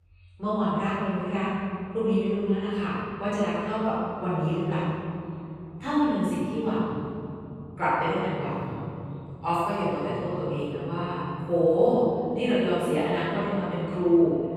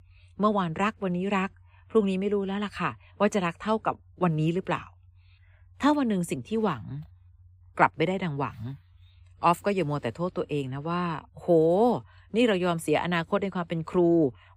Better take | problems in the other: second | off-mic speech; far // room echo; strong; dies away in 2.9 s

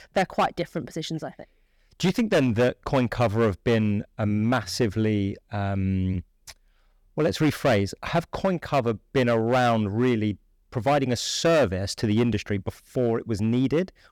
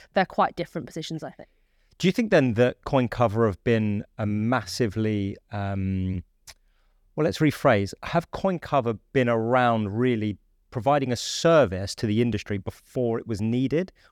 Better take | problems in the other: second | distortion; slight; 6% of the sound clipped

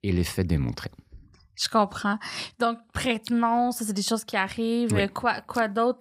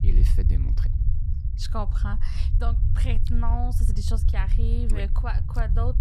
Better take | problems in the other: first | low rumble; loud; throughout; 7 dB below the speech

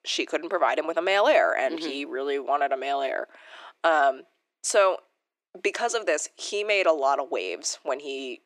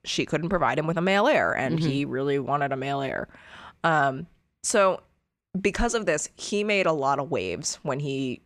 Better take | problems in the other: second | thin; very; fading below 300 Hz

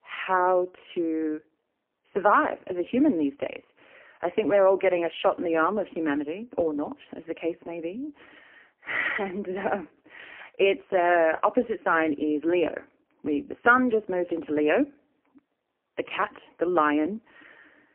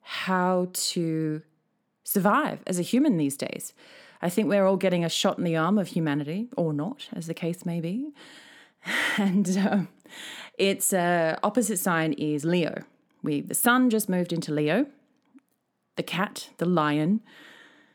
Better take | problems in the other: second | phone-call audio; poor line; nothing above 3 kHz

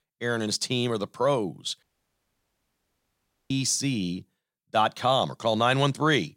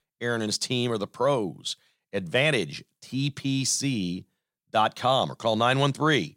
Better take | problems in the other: second | audio cutting out; at 2 s for 1.5 s

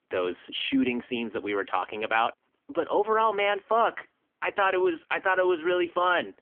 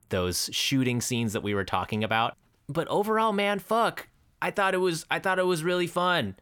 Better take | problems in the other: second | phone-call audio; poor line; nothing above 3.5 kHz

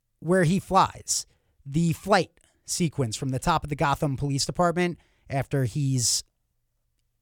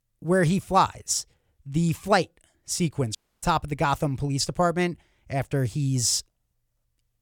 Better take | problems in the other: first | audio cutting out; at 3 s

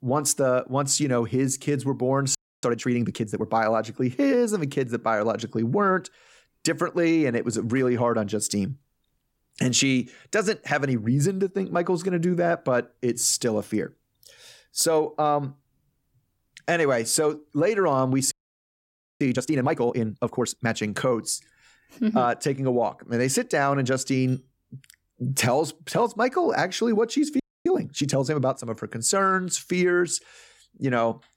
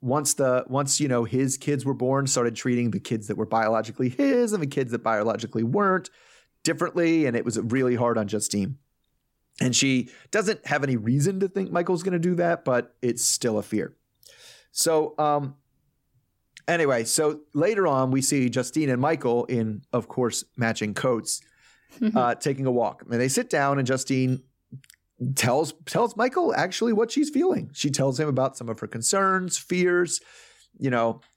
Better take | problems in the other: second | audio freezing; at 2.5 s, at 18 s for 1 s and at 27 s

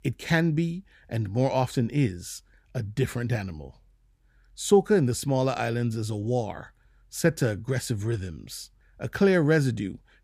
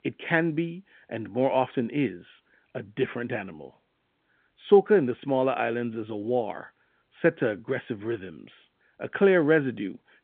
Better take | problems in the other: first | phone-call audio

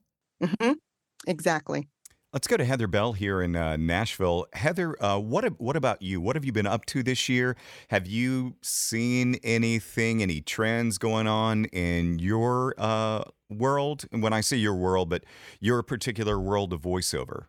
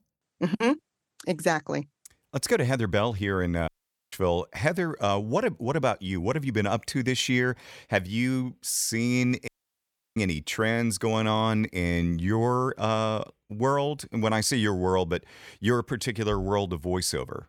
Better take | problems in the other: first | audio cutting out; at 3.5 s and at 9.5 s for 0.5 s

